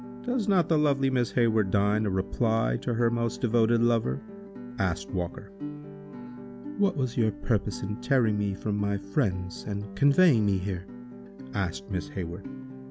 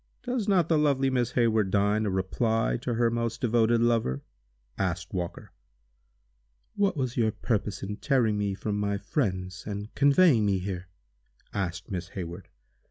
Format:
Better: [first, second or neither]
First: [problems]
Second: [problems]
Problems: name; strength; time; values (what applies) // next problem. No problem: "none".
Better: second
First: background sound (Guitar); 13 dB below the speech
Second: none